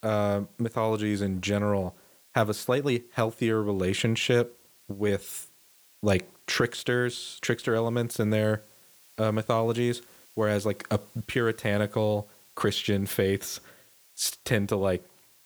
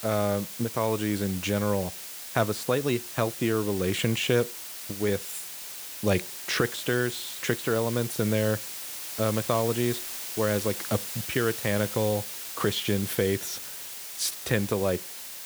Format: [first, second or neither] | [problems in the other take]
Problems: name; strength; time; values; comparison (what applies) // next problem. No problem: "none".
first | hiss; loud; throughout; 7 dB below the speech; faint in the first